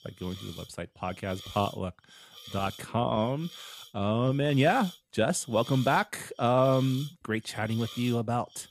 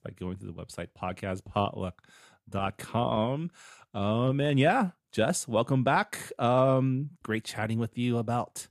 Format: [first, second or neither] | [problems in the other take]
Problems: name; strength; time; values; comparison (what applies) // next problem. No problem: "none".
second | hiss; noticeable; throughout; 15 dB below the speech